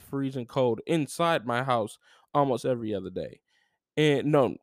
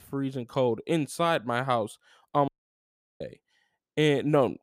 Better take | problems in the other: first | audio cutting out; at 2.5 s for 0.5 s

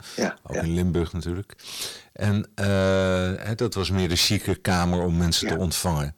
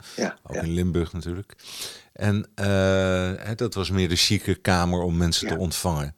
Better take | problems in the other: second | distortion; slight; 10 dB below the speech

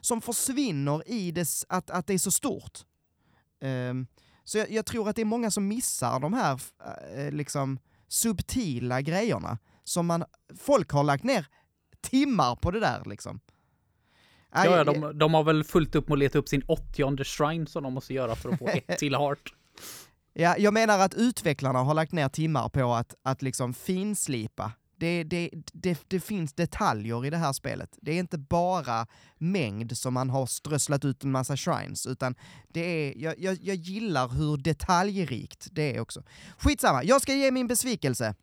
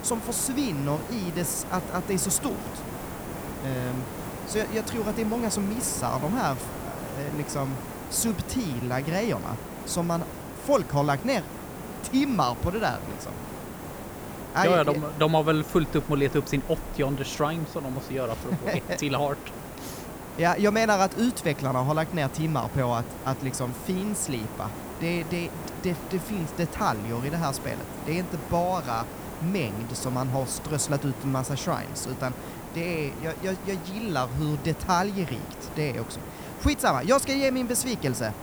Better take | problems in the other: first | hiss; loud; throughout; 10 dB below the speech

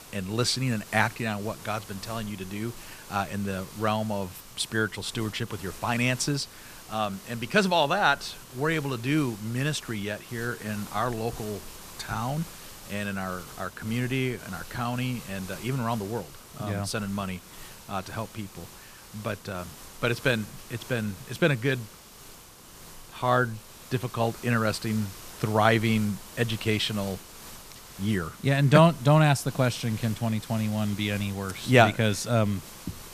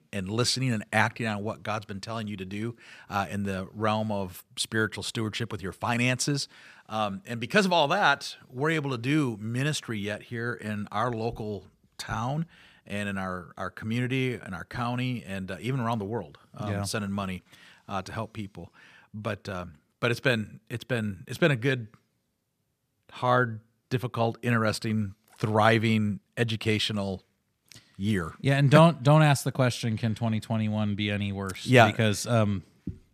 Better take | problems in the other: second | hiss; noticeable; throughout; 15 dB below the speech

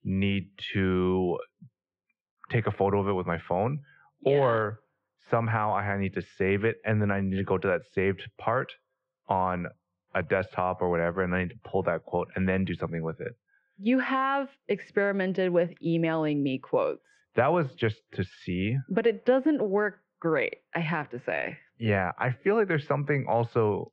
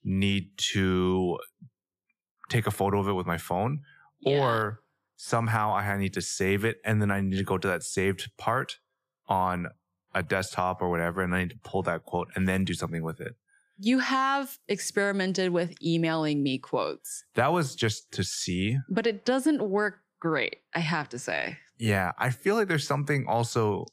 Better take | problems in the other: second | muffled; very; fading above 2.5 kHz

